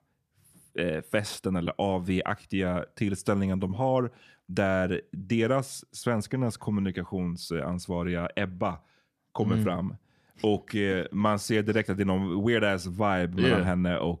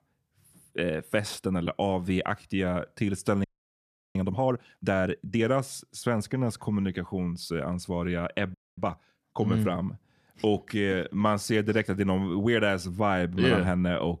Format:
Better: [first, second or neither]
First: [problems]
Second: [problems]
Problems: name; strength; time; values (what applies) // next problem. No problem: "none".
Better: first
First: none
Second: audio freezing; at 3.5 s for 0.5 s and at 8.5 s